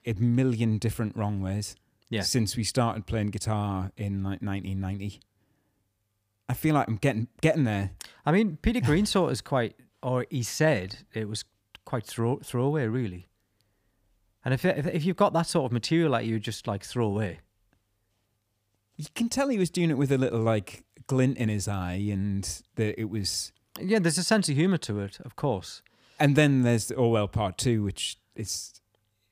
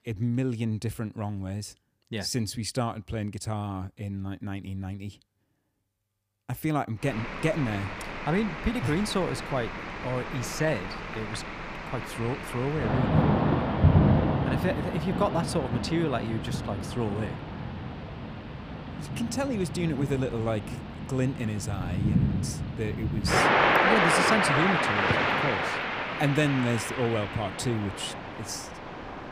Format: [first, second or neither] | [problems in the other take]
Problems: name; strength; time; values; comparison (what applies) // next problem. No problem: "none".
first | rain or running water; very loud; from 7 s on; 2 dB above the speech